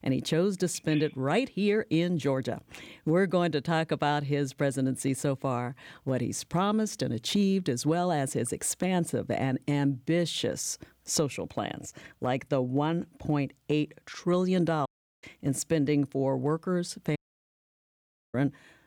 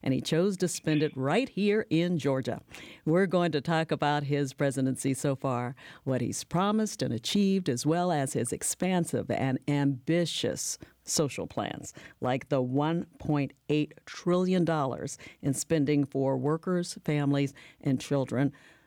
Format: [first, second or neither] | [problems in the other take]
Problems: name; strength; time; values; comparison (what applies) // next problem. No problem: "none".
second | audio cutting out; at 15 s and at 17 s for 1 s